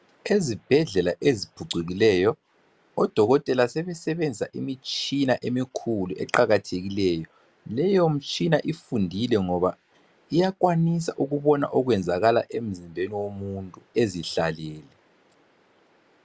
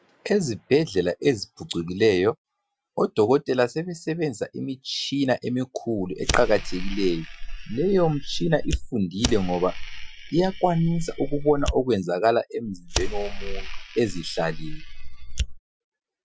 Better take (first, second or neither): first